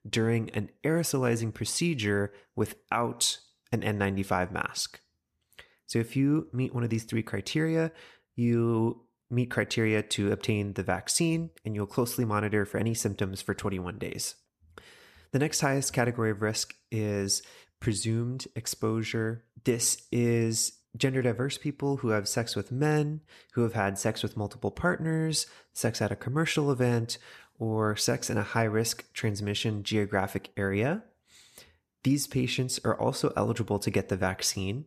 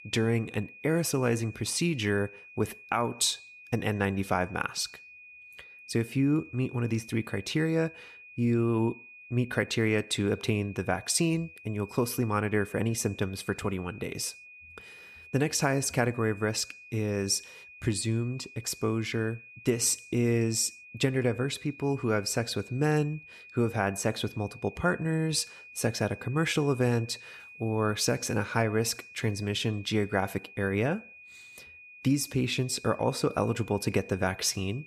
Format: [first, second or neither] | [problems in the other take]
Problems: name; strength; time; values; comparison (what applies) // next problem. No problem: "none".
first | high-pitched whine; noticeable; throughout; 2.5 kHz, 20 dB below the speech